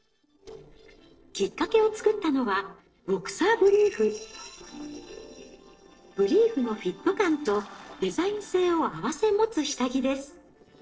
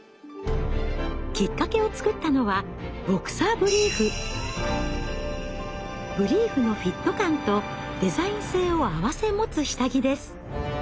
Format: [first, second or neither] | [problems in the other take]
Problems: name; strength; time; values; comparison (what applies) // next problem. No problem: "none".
second | noise reduction (neural separator model SepFormer DNS4)